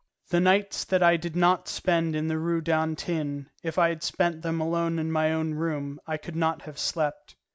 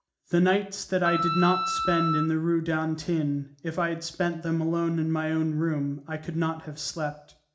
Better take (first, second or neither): first